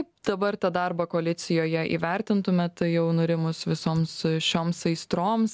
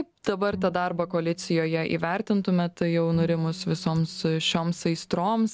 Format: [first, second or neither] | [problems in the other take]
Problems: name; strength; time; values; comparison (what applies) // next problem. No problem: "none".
first | background sound (Bowed string instrument); 16 dB below the speech